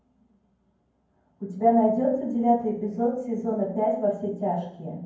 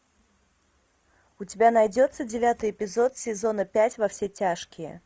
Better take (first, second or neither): second